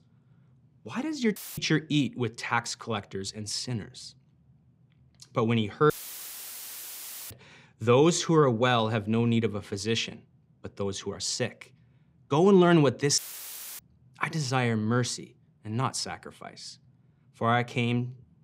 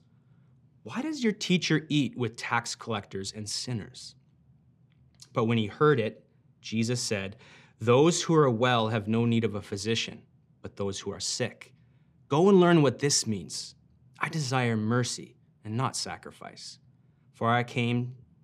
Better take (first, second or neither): second